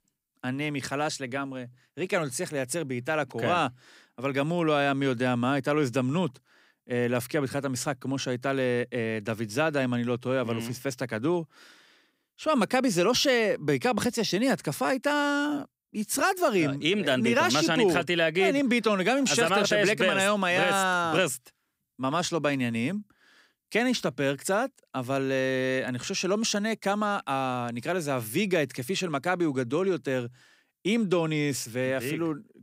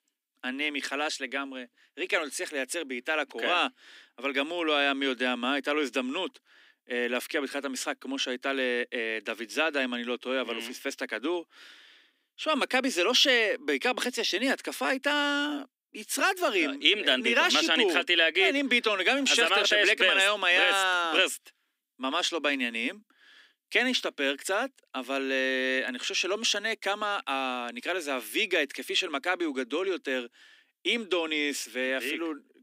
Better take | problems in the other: first | thin; very slightly; fading below 250 Hz

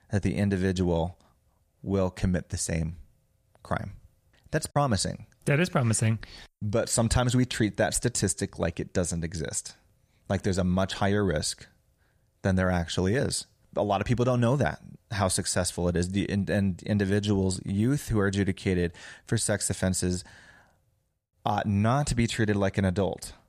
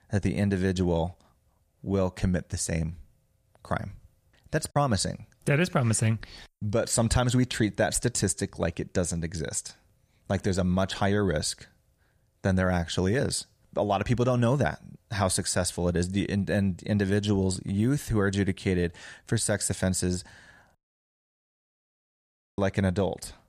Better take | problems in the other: first | audio cutting out; at 21 s for 2 s

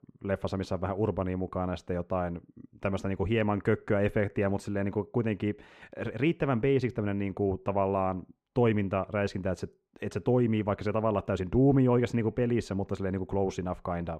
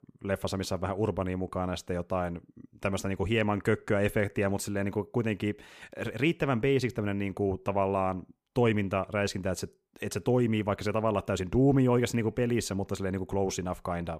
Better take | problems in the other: second | muffled; slightly; fading above 1.5 kHz

